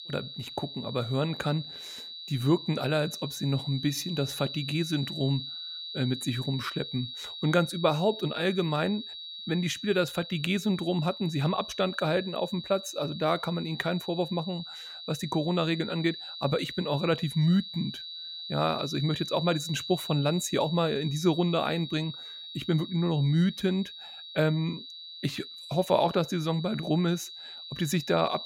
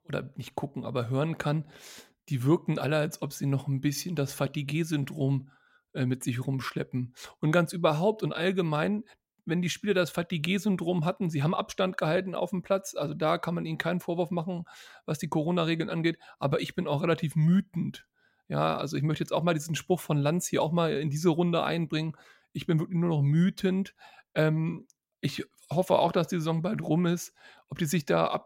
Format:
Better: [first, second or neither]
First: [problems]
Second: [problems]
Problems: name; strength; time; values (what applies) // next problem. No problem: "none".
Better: second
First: high-pitched whine; loud; throughout; 4 kHz, 9 dB below the speech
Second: none